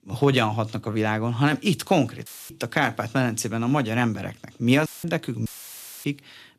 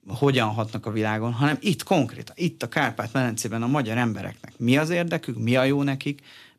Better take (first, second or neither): second